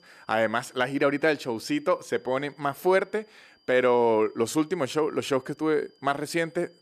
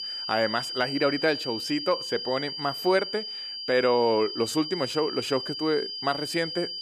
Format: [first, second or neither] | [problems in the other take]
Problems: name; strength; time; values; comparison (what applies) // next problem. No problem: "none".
first | high-pitched whine; loud; throughout; 5 kHz, 5 dB below the speech; faint in the first